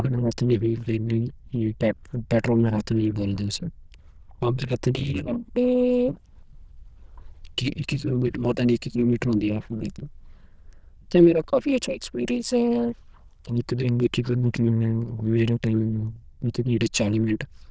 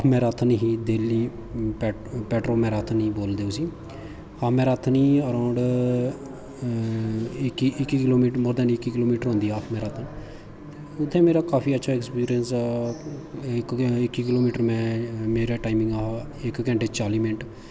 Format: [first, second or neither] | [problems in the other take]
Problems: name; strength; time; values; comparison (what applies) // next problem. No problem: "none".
second | noise reduction (neural diffusion model UNIVERSE++)